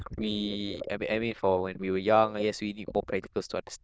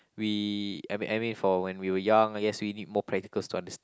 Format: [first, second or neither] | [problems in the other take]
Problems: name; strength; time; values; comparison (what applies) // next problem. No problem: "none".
second | noise reduction (neural diffusion model UNIVERSE++)